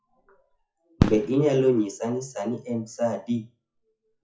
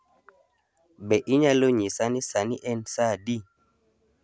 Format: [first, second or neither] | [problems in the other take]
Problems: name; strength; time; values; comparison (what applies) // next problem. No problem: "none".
second | noise reduction (classical method WPE with log-MMSE)